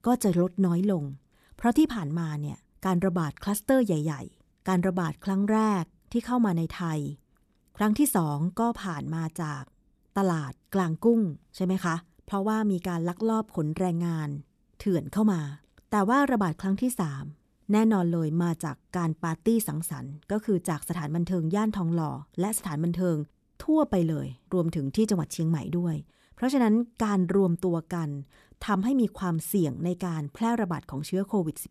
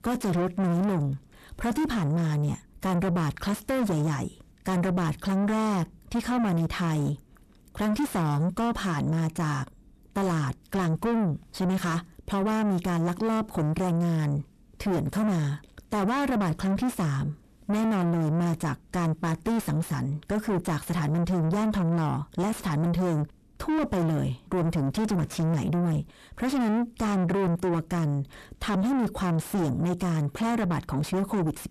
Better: first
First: none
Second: distortion; heavy; 5 dB below the speech

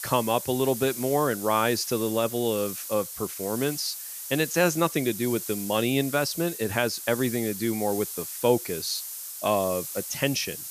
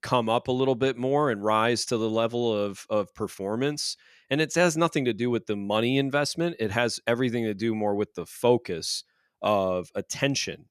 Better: second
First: hiss; loud; throughout; 7 dB below the speech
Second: none

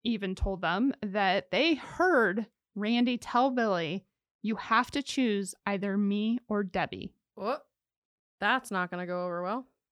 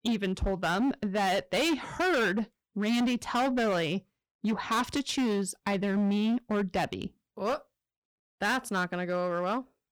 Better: first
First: none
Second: distortion; heavy; 16% of the sound clipped

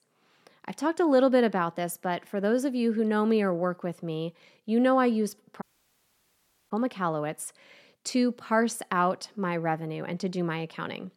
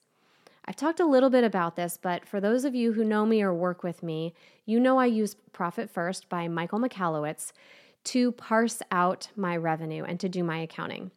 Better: second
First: audio cutting out; at 5.5 s for 1 s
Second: none

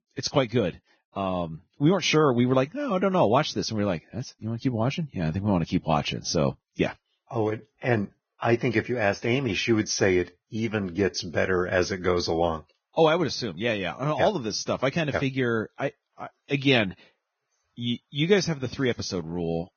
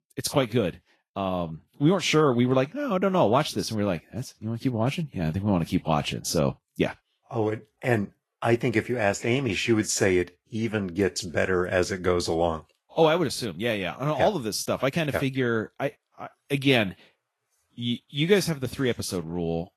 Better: second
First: garbled, watery; badly; nothing above 6.5 kHz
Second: garbled, watery; slightly; nothing above 12.5 kHz

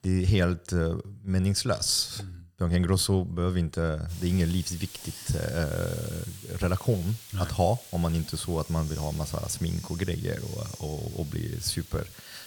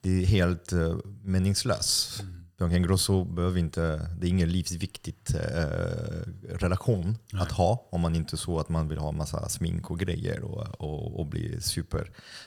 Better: second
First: hiss; noticeable; from 4 s on; 15 dB below the speech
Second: none

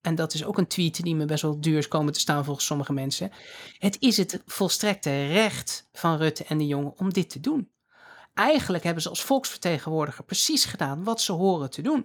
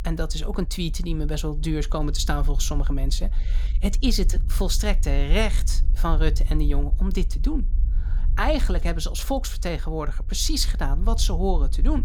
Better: first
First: none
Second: low rumble; faint; throughout; 20 dB below the speech

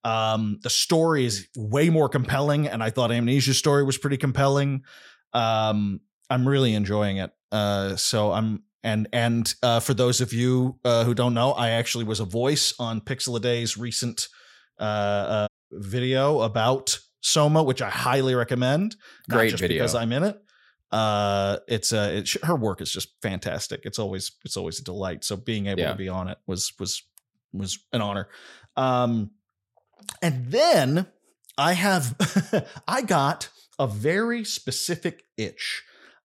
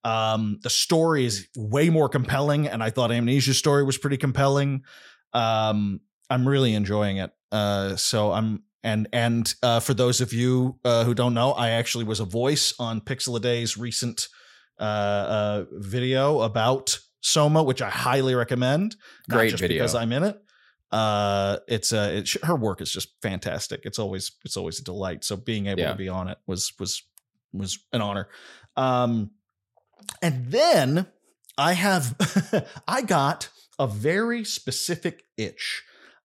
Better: second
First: audio cutting out; at 15 s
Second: none

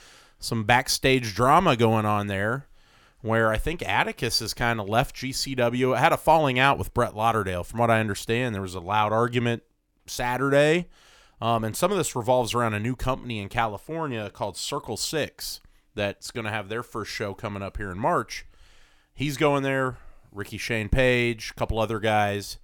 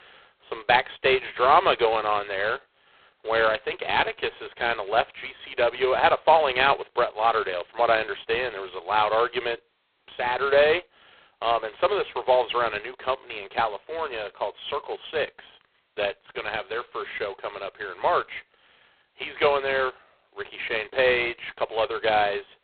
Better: first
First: none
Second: phone-call audio; poor line; nothing above 4 kHz

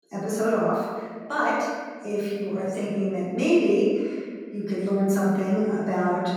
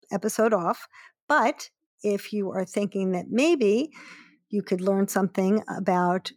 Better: second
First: room echo; strong; dies away in 1.5 s // off-mic speech; far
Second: none

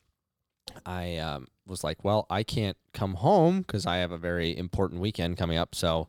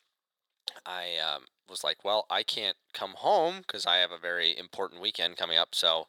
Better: first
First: none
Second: thin; very; fading below 650 Hz

